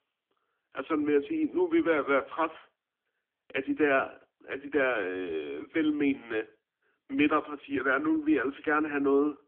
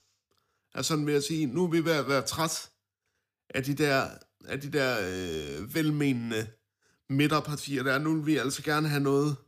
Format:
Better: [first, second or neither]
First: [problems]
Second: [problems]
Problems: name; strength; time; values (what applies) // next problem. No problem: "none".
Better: second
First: phone-call audio; poor line; nothing above 3.5 kHz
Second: none